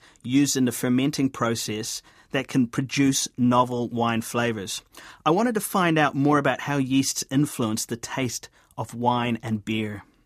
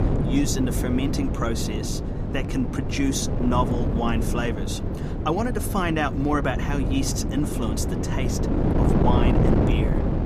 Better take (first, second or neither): first